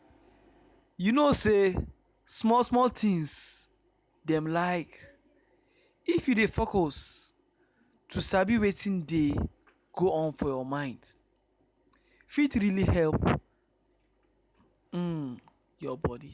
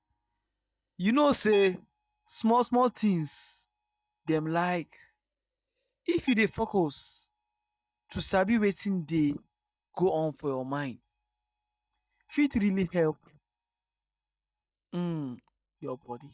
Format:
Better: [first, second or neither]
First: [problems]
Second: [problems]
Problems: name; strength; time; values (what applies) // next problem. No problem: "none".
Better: first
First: none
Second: noise reduction (neural mask model DeepFilterNet 3)